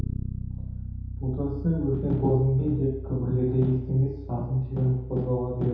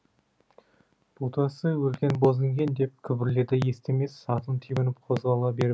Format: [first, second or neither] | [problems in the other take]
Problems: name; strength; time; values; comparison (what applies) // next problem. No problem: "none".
second | background sound (Bass guitar); 8 dB below the speech // room echo; dies away in 0.8 s